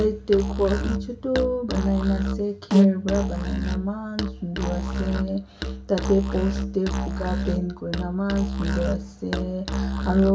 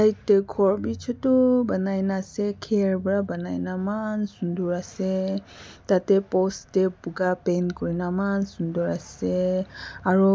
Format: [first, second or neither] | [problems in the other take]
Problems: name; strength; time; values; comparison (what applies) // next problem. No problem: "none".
second | background sound (Musical instrument); 1 dB below the speech // room echo; dies away in 0.4 s